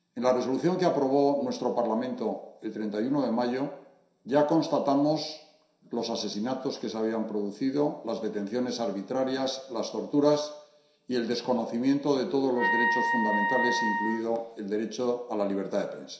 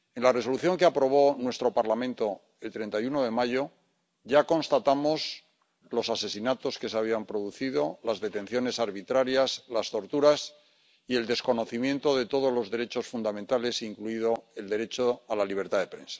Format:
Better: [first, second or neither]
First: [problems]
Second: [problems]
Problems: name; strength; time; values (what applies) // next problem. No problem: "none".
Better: second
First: background sound (Wind instrument, woodwind instrument); 1 dB below the speech // room echo; dies away in 0.7 s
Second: none